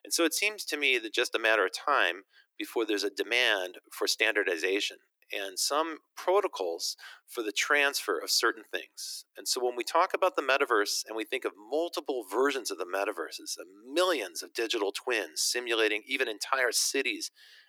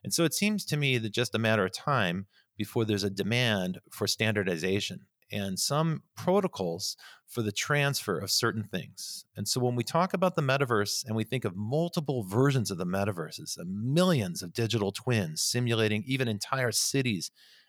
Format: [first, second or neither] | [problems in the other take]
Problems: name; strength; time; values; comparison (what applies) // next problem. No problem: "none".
second | thin; very; fading below 300 Hz